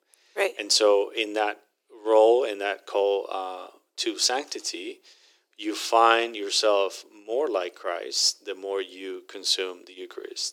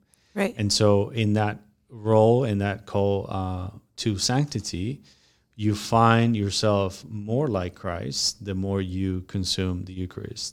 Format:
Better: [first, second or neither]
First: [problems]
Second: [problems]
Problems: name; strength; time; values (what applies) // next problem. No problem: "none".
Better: second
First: thin; very; fading below 350 Hz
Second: none